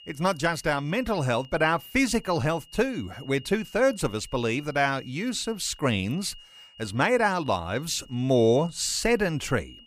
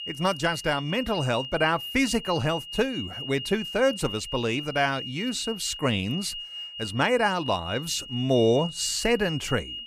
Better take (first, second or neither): first